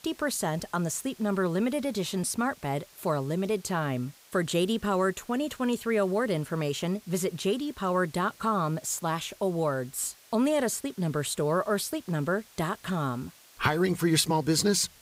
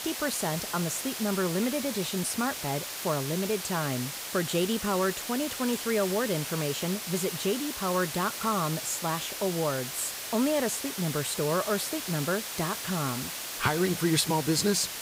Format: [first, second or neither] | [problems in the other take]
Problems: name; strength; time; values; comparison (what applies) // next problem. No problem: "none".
first | hiss; loud; throughout; 4 dB below the speech; faint in the first